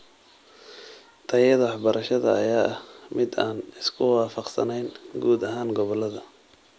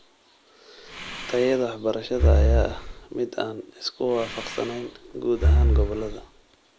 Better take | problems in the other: first | background sound (Breathing); 4 dB above the speech

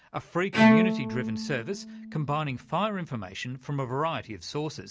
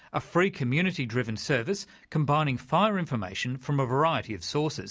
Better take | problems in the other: second | background sound (Bowed string instrument); 4 dB above the speech

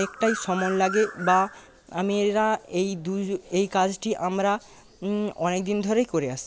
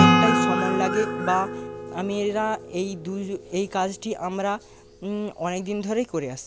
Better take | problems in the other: first | background sound (Acoustic guitar / Strum); 1 dB above the speech

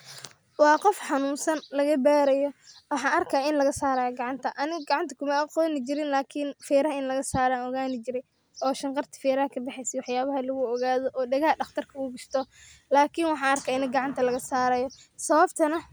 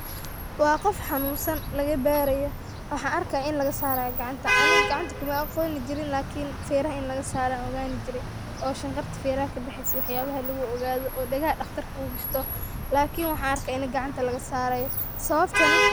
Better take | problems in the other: first | background sound (Traffic noise, roadway noise / Vehicle horn, car horn, honking); 2 dB below the speech

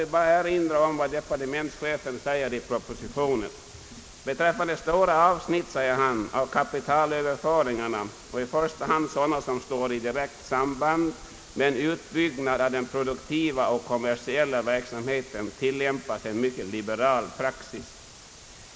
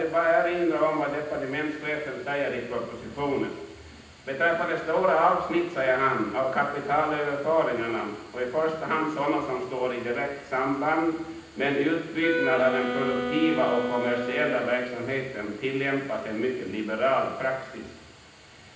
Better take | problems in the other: first | background sound (Wind instrument, woodwind instrument); 4 dB below the speech // room echo; dies away in 0.9 s

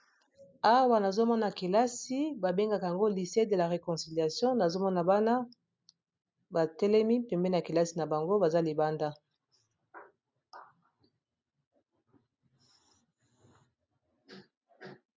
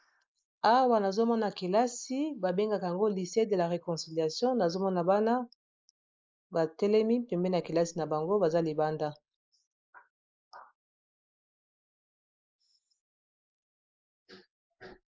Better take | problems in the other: first | noise reduction (neural mask model Resemble Enhance denoiser)

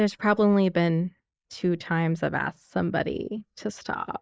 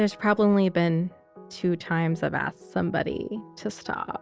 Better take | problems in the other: second | noise reduction (neural mask model Resemble Enhance denoiser)

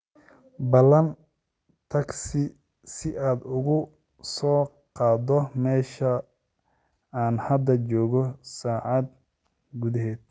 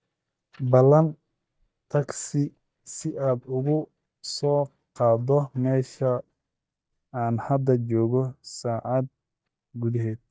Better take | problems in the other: first | noise reduction (neural mask model DeepFilterNet 3)

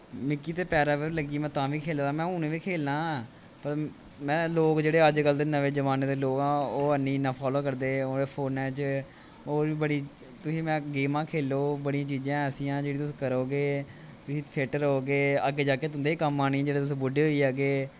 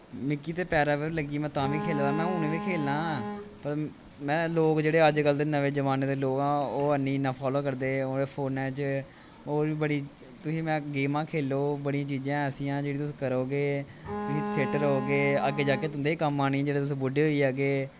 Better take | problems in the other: first | background sound (Bowed string instrument); 6 dB below the speech

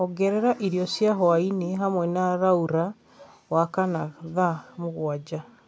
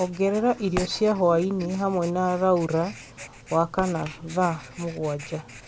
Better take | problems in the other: first | background sound (Writing); 16 dB below the speech

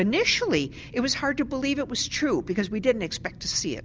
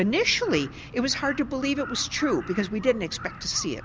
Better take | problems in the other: first | background sound (Crow); 17 dB below the speech

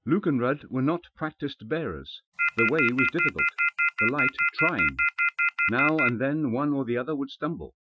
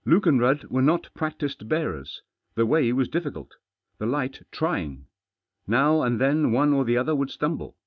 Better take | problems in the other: second | noise reduction (classical method Wiener filter)

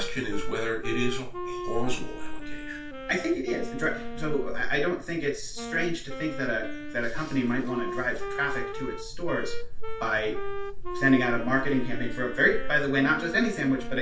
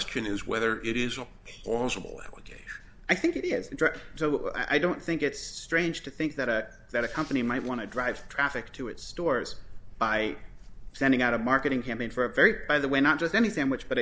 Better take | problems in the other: second | background sound (Wind instrument, woodwind instrument); 11 dB below the speech // room echo; dies away in 0.3 s

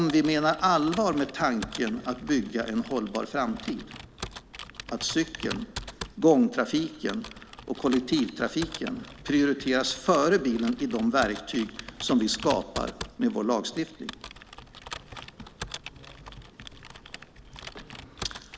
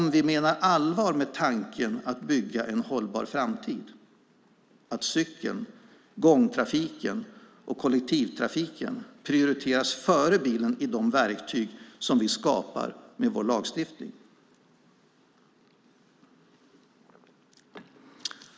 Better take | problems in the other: second | background sound (Computer keyboard); 14 dB below the speech

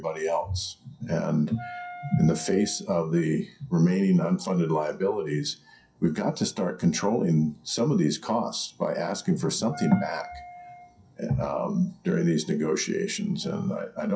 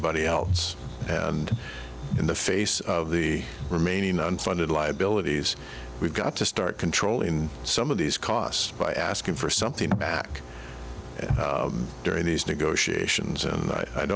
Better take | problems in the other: second | noise reduction (classical method WPE with log-MMSE)

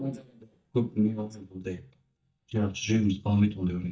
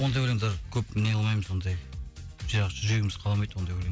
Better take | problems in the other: second | noise reduction (neural mask model DeepFilterNet 3)

